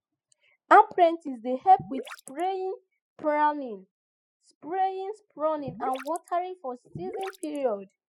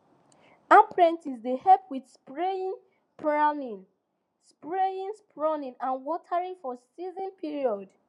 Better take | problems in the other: second | noise reduction (classical method spectral subtraction)

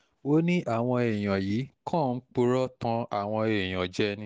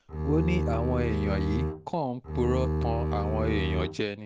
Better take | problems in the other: first | background sound (Bowed string instrument); 1 dB above the speech

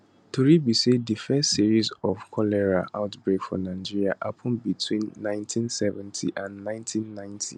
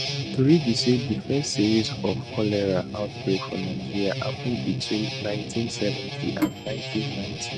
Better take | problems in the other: first | noise reduction (neural mask model RNNoise)

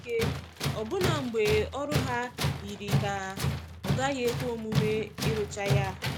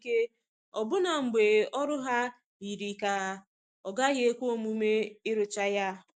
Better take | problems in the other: second | background sound (Tools); 1 dB above the speech

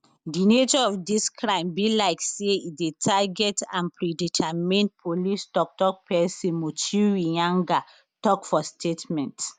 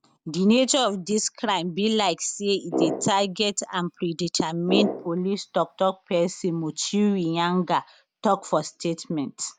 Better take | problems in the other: first | background sound (Brass instrument); 5 dB below the speech

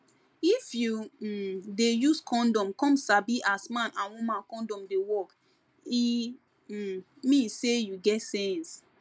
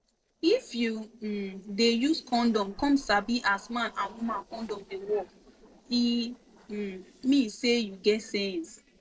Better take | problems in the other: first | noise reduction (neural separator model SepFormer DNS4)

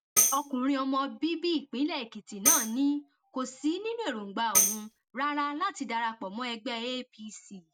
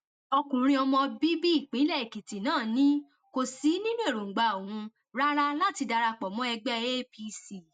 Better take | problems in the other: second | background sound (Tambourine); 1 dB above the speech

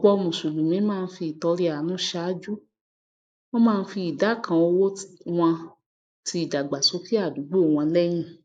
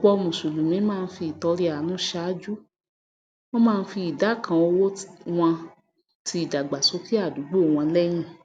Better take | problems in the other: second | noise reduction (neural mask model Resemble Enhance denoiser)

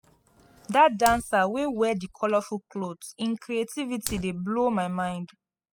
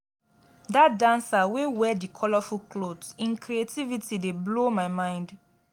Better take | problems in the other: second | noise reduction (classical method spectral subtraction)

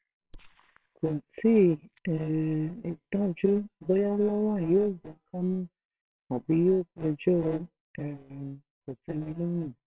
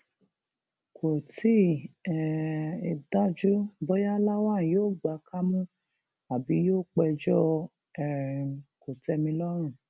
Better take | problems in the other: second | noise reduction (neural separator model SepFormer WHAMR!)

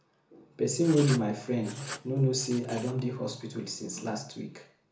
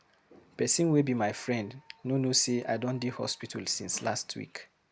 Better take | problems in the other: second | background sound (Writing); 13 dB below the speech // room echo; dies away in 0.5 s

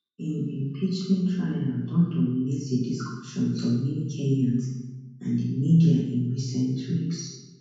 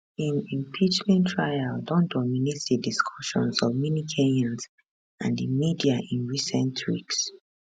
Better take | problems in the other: second | room echo; dies away in 1.1 s

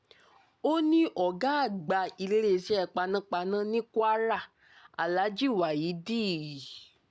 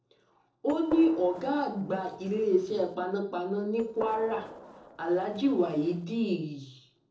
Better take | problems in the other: first | noise reduction (neural separator model SepFormer DNS4)

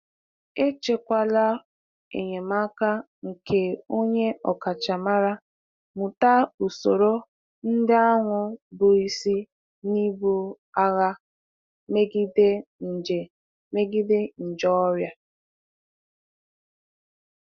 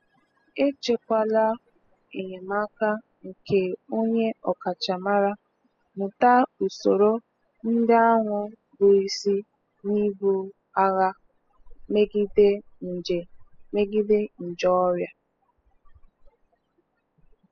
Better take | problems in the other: first | noise reduction (classical method spectral subtraction)

